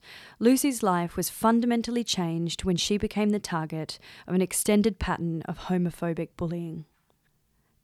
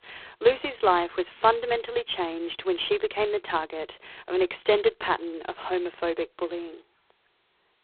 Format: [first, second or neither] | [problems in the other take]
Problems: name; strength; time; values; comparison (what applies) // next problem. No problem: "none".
first | phone-call audio; poor line